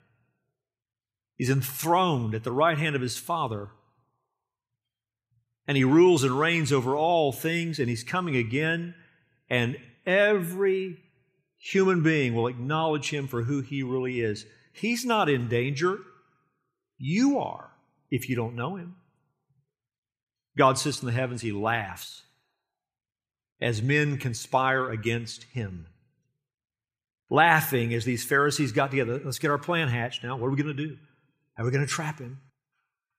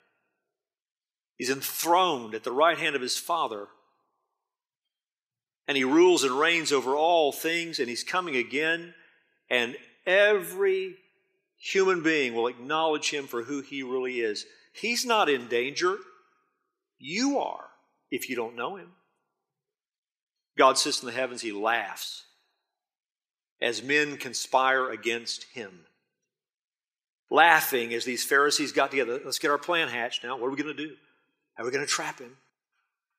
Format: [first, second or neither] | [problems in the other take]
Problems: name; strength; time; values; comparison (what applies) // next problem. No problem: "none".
first | thin; somewhat; fading below 300 Hz